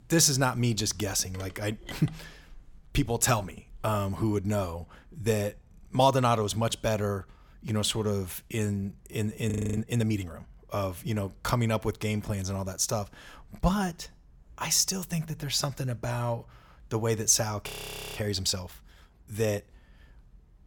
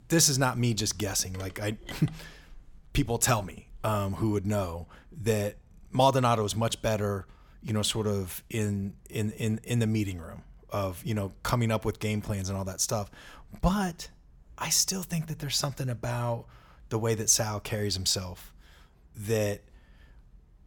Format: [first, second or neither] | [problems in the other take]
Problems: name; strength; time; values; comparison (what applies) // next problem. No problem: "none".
second | audio freezing; at 9.5 s and at 18 s